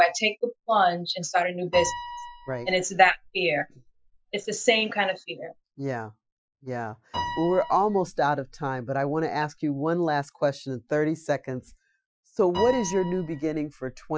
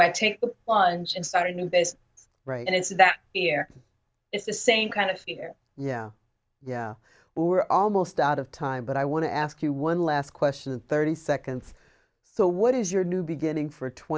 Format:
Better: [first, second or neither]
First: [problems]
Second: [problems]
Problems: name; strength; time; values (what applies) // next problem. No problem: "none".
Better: second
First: noise reduction (classical method Wiener filter)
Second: none